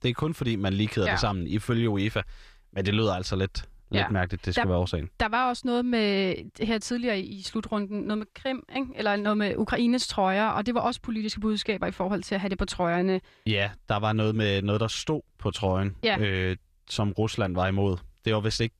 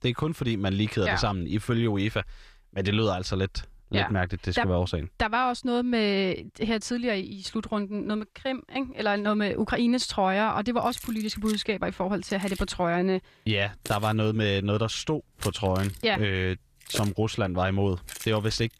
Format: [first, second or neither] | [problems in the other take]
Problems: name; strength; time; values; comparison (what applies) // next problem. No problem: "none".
first | jangling keys; noticeable; from 11 s on; peak 8 dB below the speech